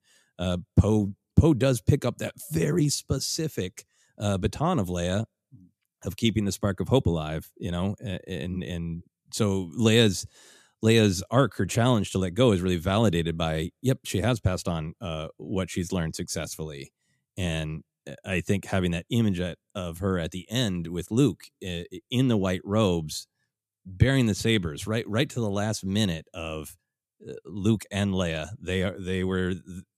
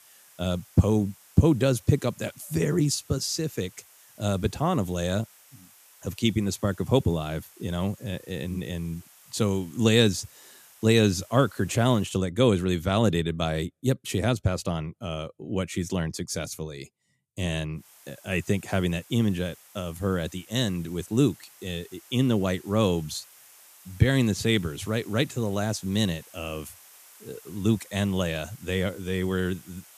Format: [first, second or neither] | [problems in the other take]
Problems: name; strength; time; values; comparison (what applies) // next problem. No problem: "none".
first | hiss; faint; until 12 s and from 18 s on; 25 dB below the speech